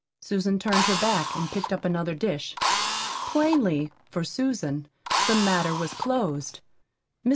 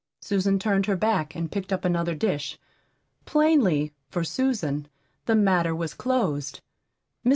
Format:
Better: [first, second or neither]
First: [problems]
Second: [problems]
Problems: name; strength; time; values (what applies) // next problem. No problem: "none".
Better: second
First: background sound (Drill); 3 dB below the speech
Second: none